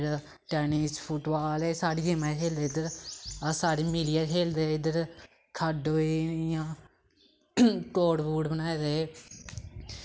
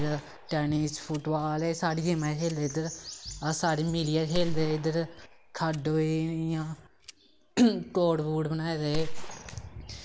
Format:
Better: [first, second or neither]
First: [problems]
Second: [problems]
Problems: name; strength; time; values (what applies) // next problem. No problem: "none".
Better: first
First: none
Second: background sound (Gunshot, gunfire); 9 dB below the speech